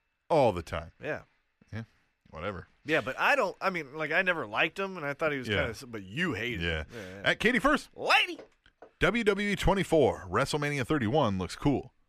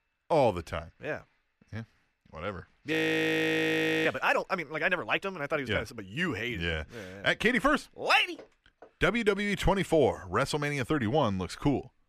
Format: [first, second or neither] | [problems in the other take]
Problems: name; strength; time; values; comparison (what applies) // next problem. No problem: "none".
first | audio freezing; at 3 s for 1 s